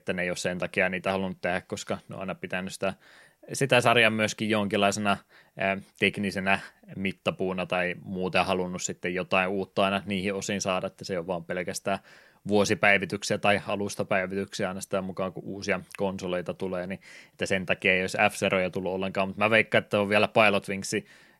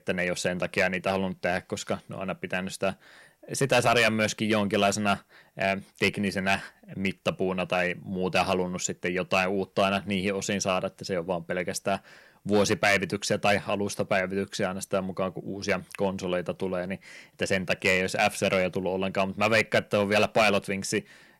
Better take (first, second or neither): first